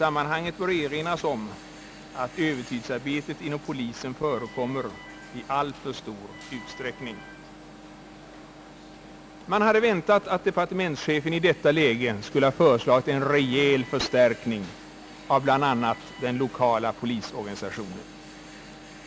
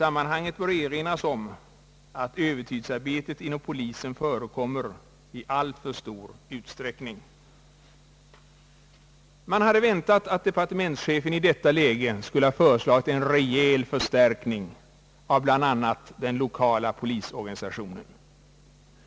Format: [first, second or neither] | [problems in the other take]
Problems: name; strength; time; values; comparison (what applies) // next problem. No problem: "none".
second | background sound (Alarm); 18 dB below the speech